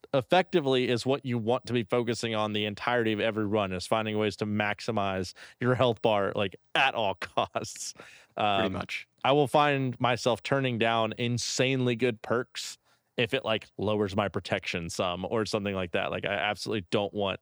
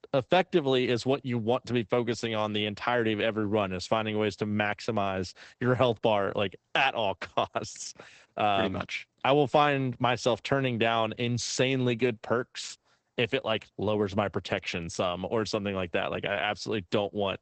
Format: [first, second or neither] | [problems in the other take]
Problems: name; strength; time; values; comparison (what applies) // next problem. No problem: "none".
first | garbled, watery; badly; nothing above 8 kHz